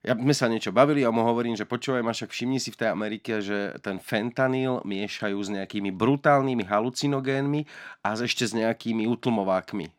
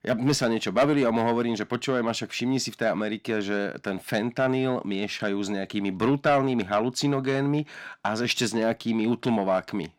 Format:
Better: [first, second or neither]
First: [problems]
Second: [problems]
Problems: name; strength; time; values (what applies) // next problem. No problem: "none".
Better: first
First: none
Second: distortion; slight; 10 dB below the speech